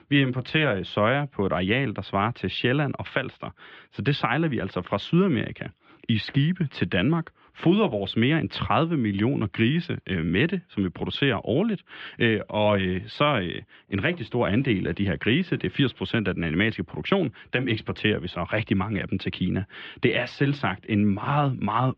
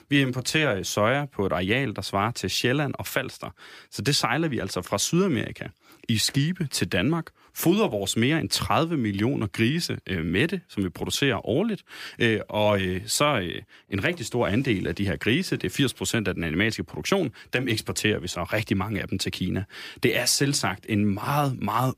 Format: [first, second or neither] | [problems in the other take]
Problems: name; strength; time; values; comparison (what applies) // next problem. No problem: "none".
second | muffled; very; fading above 3.5 kHz